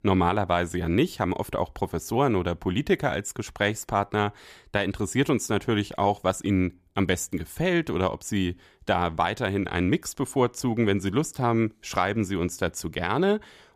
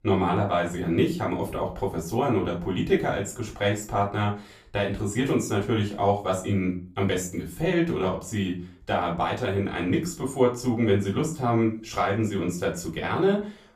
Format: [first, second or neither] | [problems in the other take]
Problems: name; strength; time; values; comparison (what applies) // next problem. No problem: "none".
first | off-mic speech; far // room echo; very slight; dies away in 0.3 s